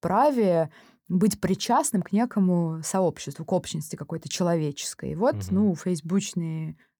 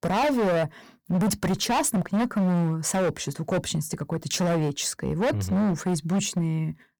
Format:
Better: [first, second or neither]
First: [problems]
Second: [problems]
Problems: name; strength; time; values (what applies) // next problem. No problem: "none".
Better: first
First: none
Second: distortion; heavy; 21% of the sound clipped